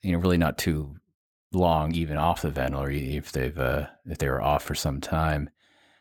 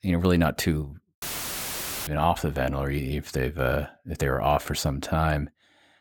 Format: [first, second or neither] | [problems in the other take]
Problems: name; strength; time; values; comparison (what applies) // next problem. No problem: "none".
first | audio cutting out; filled with static; at 1 s for 1 s